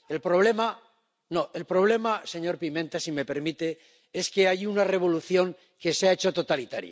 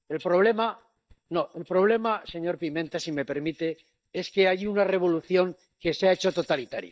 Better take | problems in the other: first | noise reduction (neural mask model DeepFilterNet 3)

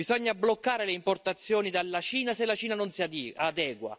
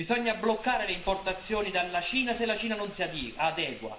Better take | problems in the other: first | background sound (Crumpling, crinkling); 16 dB below the speech // room echo; dies away in 0.8 s

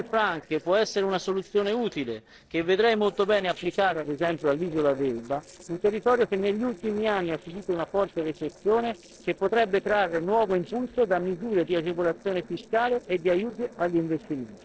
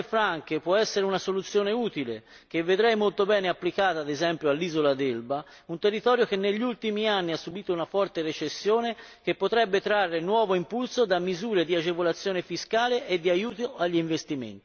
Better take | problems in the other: second | noise reduction (neural separator model SepFormer DNS4)

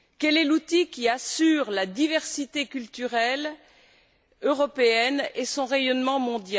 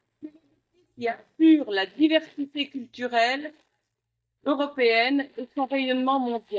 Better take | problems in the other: first | noise reduction (neural mask model DeepFilterNet 3)

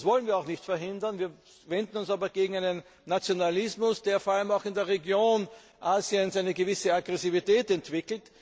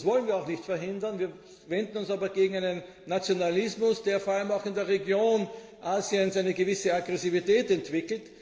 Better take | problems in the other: first | room echo; dies away in 1.7 s

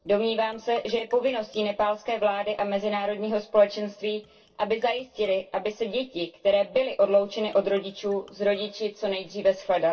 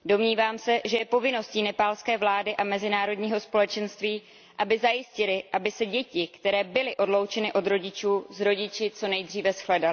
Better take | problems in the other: second | noise reduction (neural separator model SepFormer DNS4)

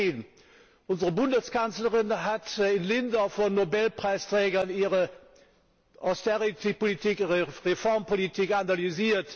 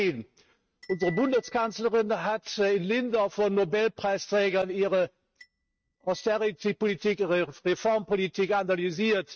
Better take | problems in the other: first | noise reduction (neural mask model RNNoise)

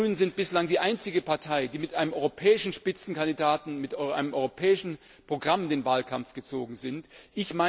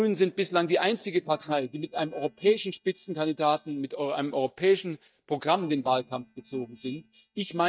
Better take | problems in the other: first | noise reduction (neural mask model DeepFilterNet 3)

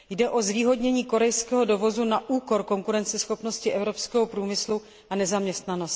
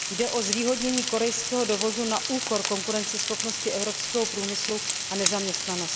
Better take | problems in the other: first | background sound (Frying (food)); 1 dB below the speech

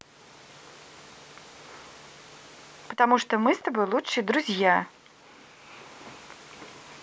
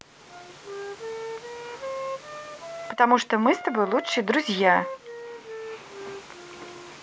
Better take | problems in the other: first | background sound (Wind instrument, woodwind instrument); 10 dB below the speech

